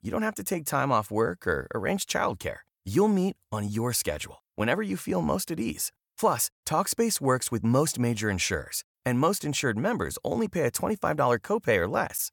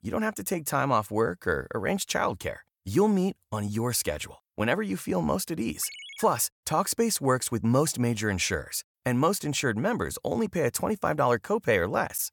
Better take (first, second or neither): first